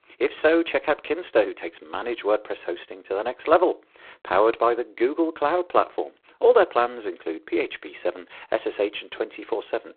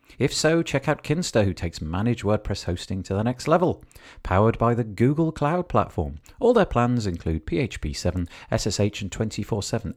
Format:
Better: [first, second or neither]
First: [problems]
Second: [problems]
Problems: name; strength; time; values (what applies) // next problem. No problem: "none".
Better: second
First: phone-call audio; poor line; nothing above 4 kHz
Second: none